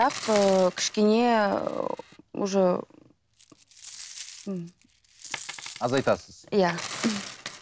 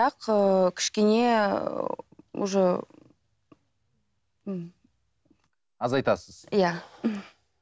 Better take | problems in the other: second | background sound (Coin (dropping)); 14 dB below the speech

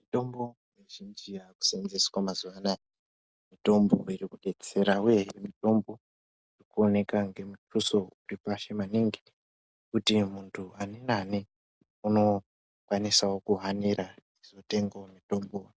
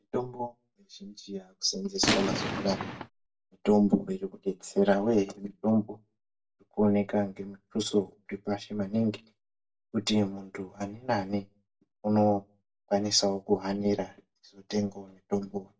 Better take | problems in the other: first | background sound (Gunshot, gunfire); as loud as the speech // room echo; dies away in 0.2 s

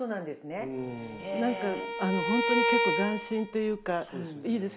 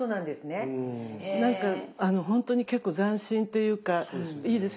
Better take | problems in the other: second | background sound (Bowed string instrument); as loud as the speech

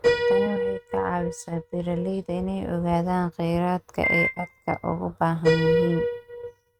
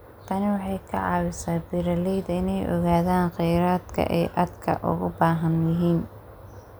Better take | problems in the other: second | noise reduction (neural mask model RNNoise)

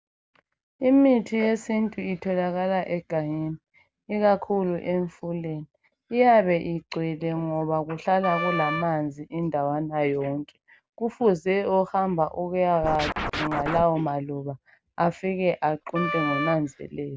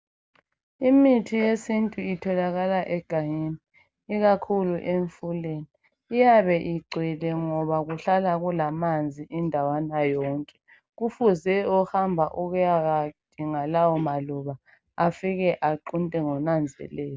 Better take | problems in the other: second | background sound (Wind instrument, woodwind instrument + Scratching (performance technique)); 5 dB below the speech

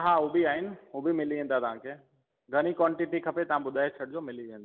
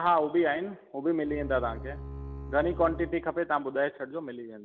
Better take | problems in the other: first | background sound (Bowed string instrument); 11 dB below the speech

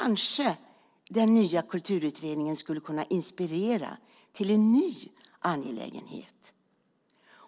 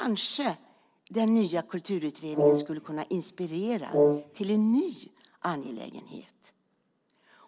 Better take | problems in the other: first | background sound (Brass instrument); 3 dB above the speech

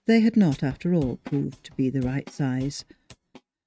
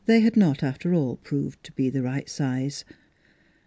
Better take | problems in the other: second | noise reduction (neural mask model RNNoise)

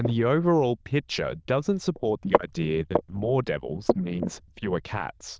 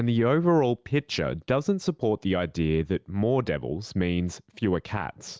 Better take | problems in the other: second | noise reduction (neural diffusion model UNIVERSE++)

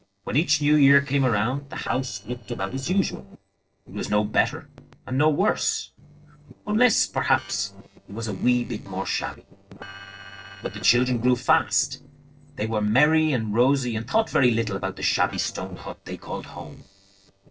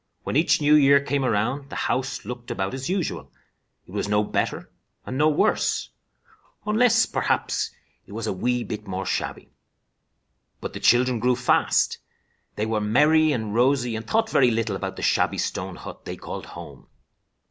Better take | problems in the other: second | noise reduction (neural separator model SepFormer DNS4)

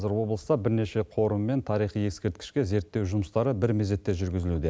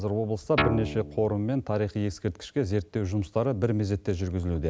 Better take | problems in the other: first | background sound (Guitar); 3 dB below the speech

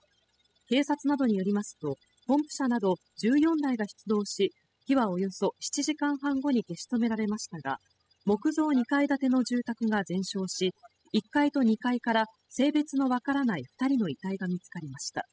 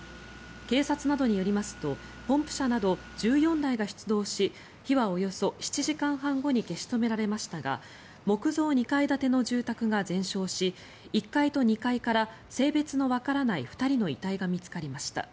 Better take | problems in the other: second | noise reduction (classical method spectral subtraction)

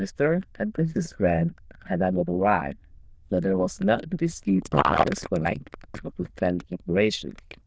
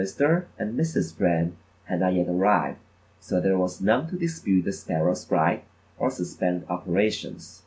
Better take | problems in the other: second | noise reduction (neural diffusion model UNIVERSE++)

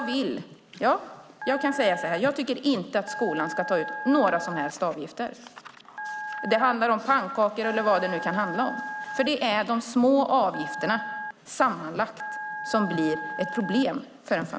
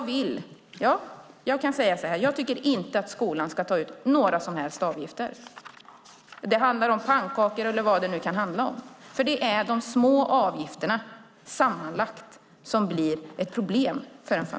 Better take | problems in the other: second | background sound (Telephone); 10 dB below the speech

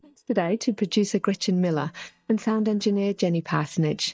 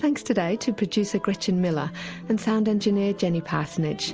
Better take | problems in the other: second | noise reduction (neural mask model DeepFilterNet 3)

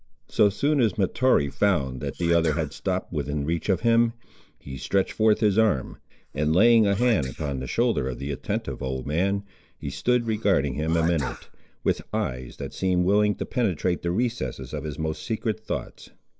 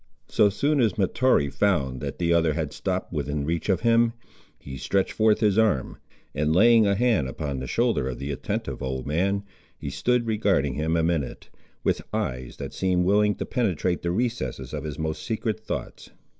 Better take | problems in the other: second | noise reduction (neural mask model Resemble Enhance denoiser)

